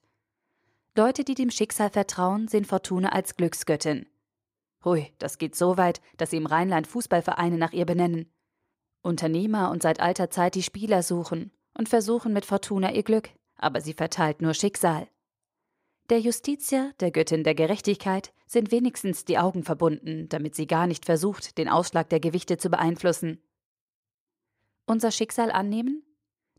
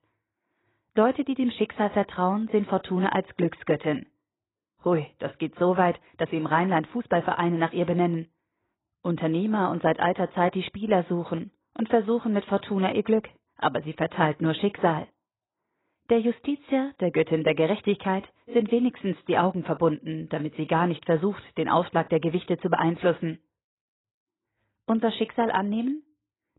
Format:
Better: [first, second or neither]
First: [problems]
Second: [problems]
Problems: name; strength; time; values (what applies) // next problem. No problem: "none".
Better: first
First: none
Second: garbled, watery; badly; nothing above 4 kHz